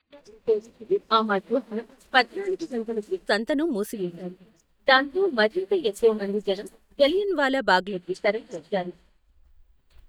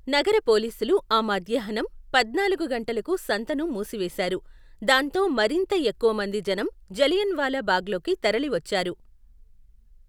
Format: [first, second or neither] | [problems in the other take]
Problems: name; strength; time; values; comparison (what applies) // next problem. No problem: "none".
second | noise reduction (neural mask model DeepFilterNet 3)